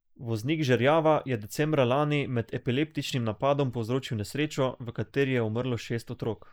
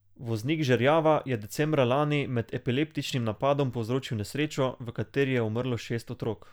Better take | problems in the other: second | noise reduction (neural mask model Resemble Enhance denoiser)

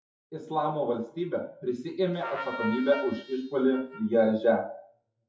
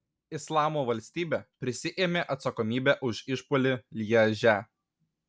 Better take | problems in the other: second | noise reduction (classical method WPE with log-MMSE)

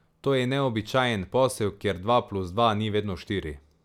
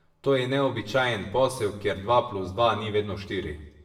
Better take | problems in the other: first | room echo; dies away in 0.7 s

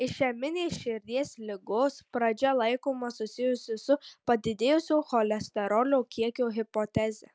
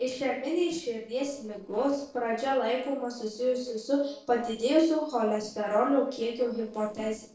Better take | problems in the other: first | noise reduction (neural separator model SepFormer DNS4)

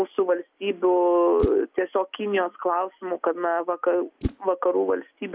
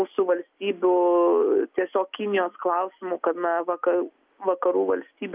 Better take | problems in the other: second | background sound (Whoosh, swoosh, swish); 14 dB below the speech

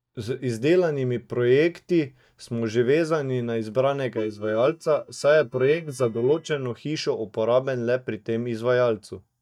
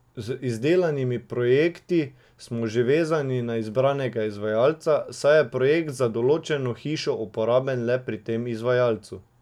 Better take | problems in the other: second | noise reduction (neural mask model DeepFilterNet 3)

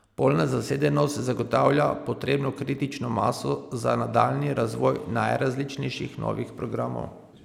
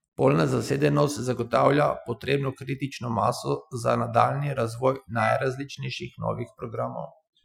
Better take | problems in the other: first | noise reduction (classical method Wiener filter)

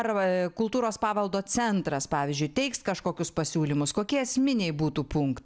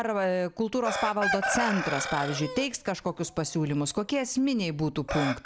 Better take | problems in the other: first | background sound (Chicken, rooster); 6 dB below the speech

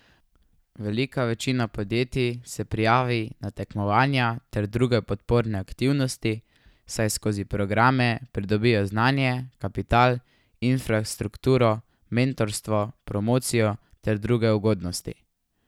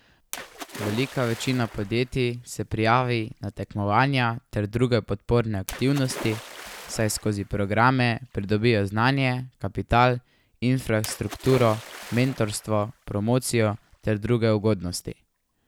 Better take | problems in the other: first | background sound (Splash, splatter); 18 dB below the speech

